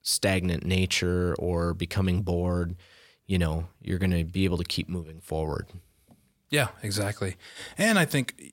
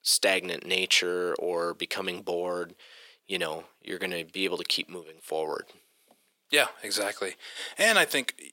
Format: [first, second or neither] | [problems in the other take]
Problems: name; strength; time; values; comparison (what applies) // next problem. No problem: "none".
first | thin; very; fading below 350 Hz